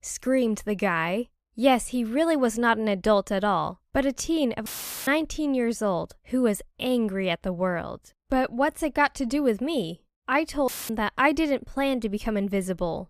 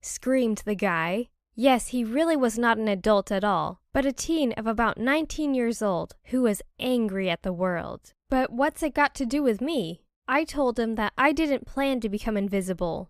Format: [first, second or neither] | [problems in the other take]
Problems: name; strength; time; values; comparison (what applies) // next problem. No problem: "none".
second | audio cutting out; filled with static; at 4.5 s and at 11 s